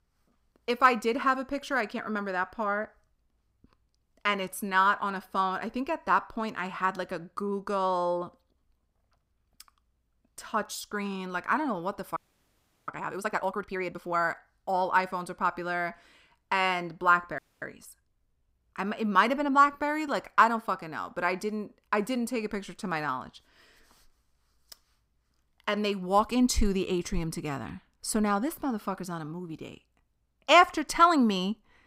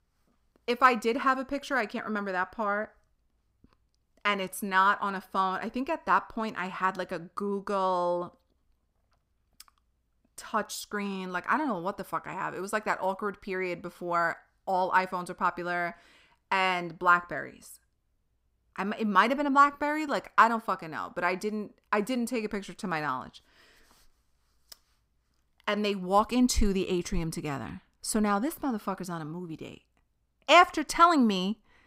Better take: second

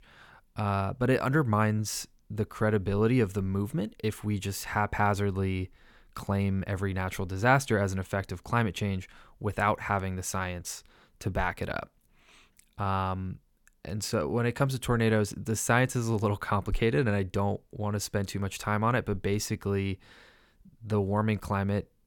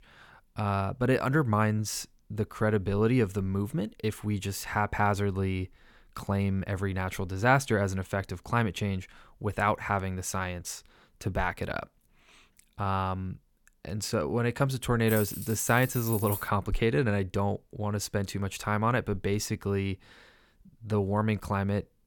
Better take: first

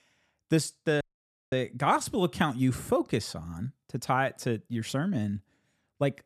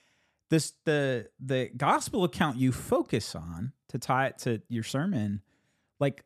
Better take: second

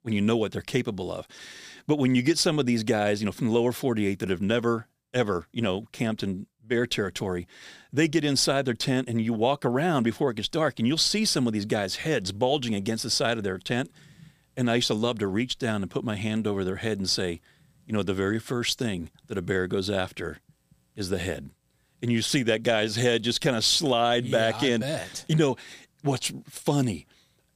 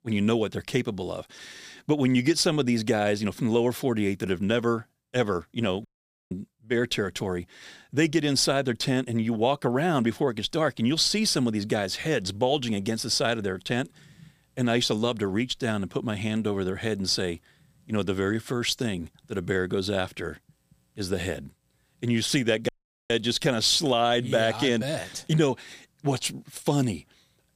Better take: first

